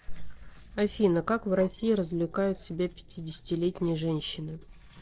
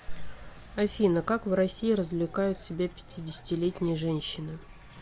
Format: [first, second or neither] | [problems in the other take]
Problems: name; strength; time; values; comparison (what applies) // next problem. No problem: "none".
second | noise reduction (neural separator model SepFormer DNS4)